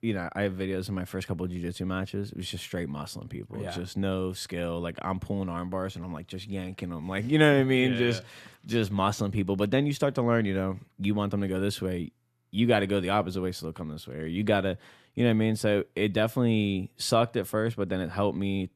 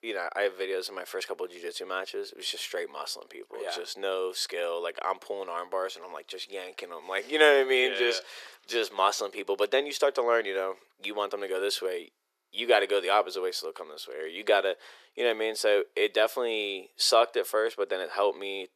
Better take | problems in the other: first | thin; very; fading below 400 Hz

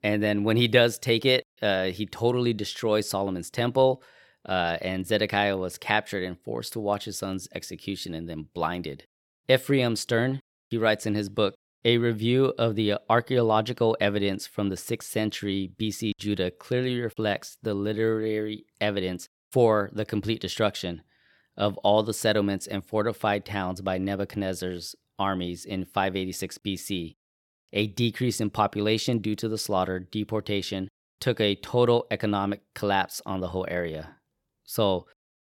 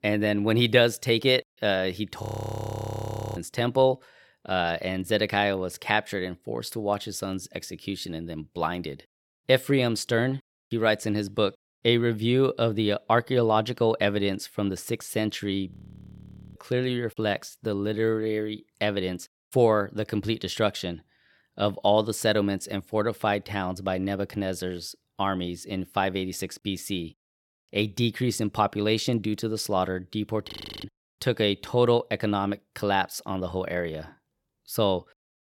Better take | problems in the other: first | audio freezing; at 2 s for 1 s, at 16 s for 1 s and at 30 s

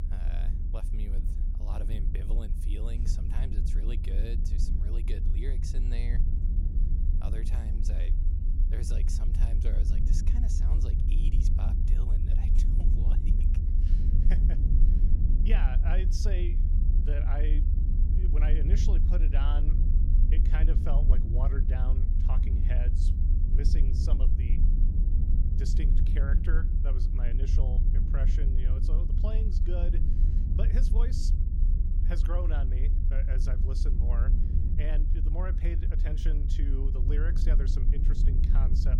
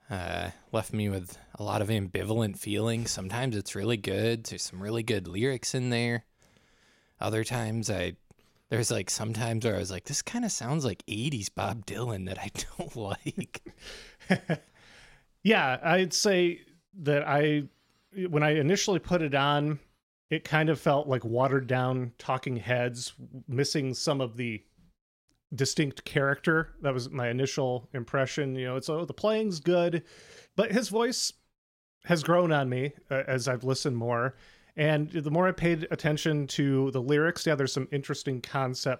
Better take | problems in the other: second | low rumble; loud; throughout; 2 dB below the speech

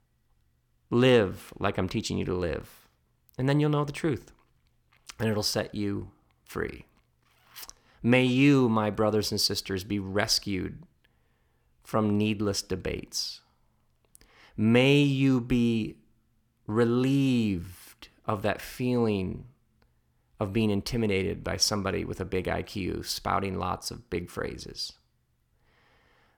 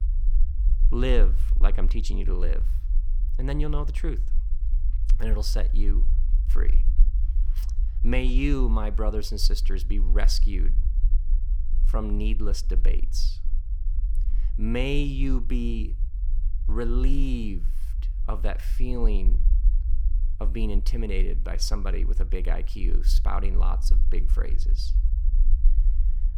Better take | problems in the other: first | low rumble; noticeable; throughout; 15 dB below the speech

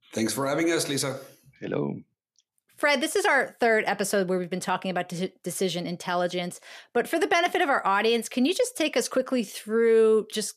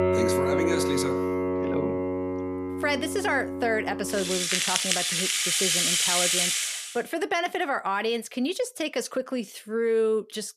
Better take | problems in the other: first | background music; very loud; until 6.5 s; 4 dB above the speech

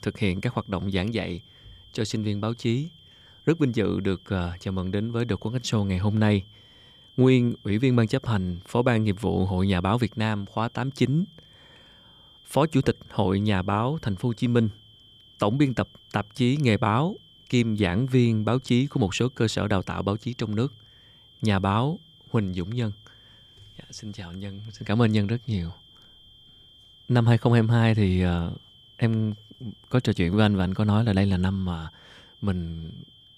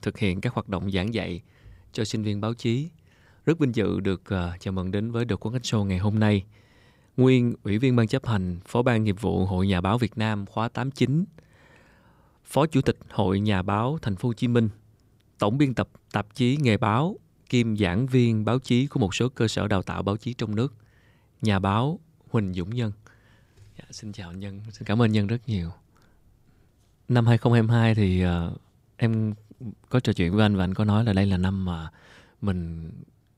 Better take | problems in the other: second | high-pitched whine; faint; throughout; 3 kHz, 25 dB below the speech

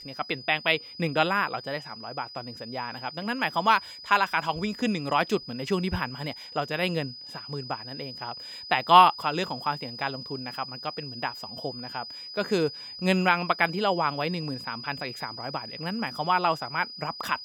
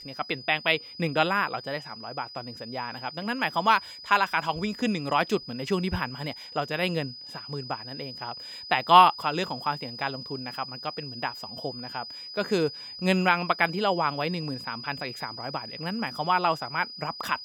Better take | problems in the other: neither | high-pitched whine; noticeable; throughout; 5 kHz, 10 dB below the speech; the same in both

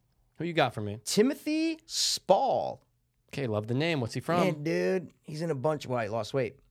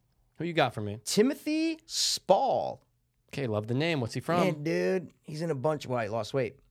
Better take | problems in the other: neither | none

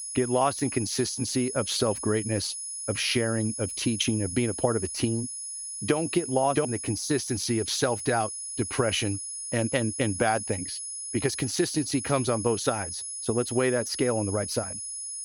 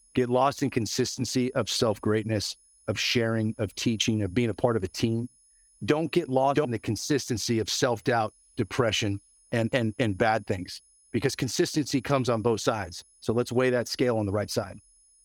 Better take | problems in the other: second | high-pitched whine; loud; throughout; 10 kHz, 5 dB below the speech; faint in the second

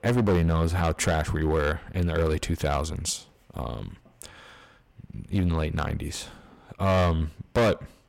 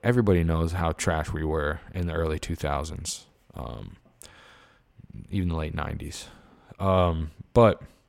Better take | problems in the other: second | distortion; heavy; 6% of the sound clipped

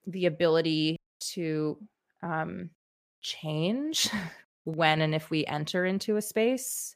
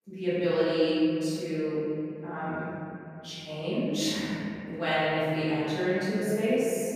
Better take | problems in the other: first | off-mic speech; far // room echo; strong; dies away in 3 s

